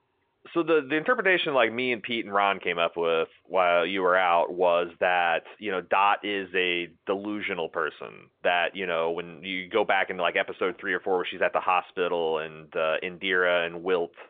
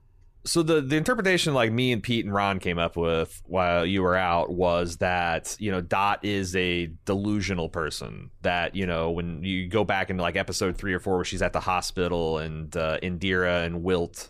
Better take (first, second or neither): second